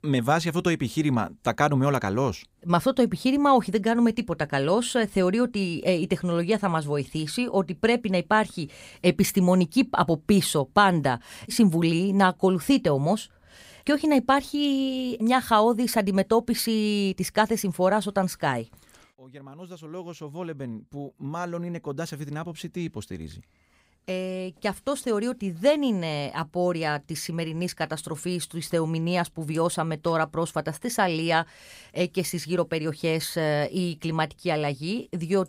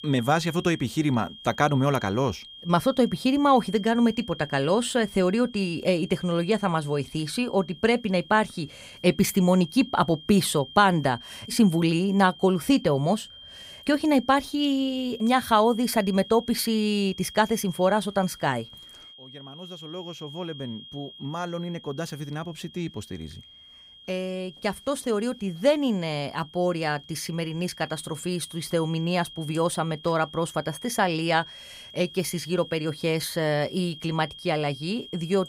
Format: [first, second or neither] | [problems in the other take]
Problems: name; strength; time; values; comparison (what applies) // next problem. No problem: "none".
first | high-pitched whine; noticeable; throughout; 3 kHz, 20 dB below the speech